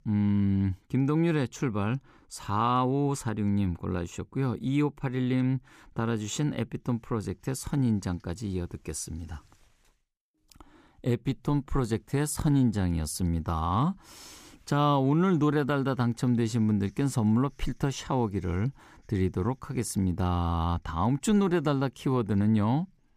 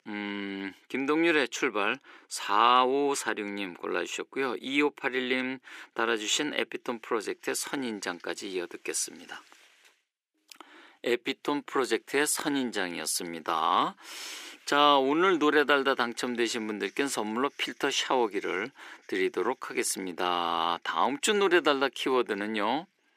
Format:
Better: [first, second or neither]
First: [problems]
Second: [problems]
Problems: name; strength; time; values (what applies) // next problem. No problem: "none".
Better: first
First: none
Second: thin; very; fading below 350 Hz